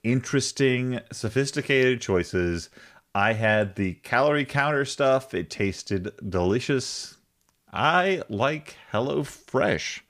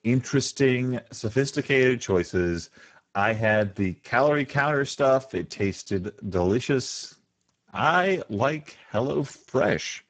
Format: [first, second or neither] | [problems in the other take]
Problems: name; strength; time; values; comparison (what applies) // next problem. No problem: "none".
first | garbled, watery; badly; nothing above 7.5 kHz